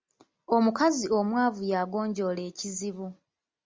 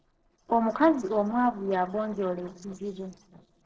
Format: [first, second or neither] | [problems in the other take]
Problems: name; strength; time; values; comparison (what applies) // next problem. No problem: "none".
first | noise reduction (neural separator model SepFormer DNS4)